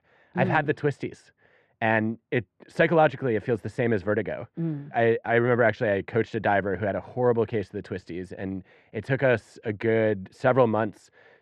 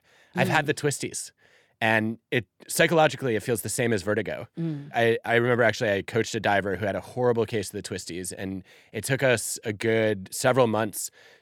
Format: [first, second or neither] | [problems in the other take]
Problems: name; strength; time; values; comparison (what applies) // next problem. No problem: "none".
second | muffled; very; fading above 2 kHz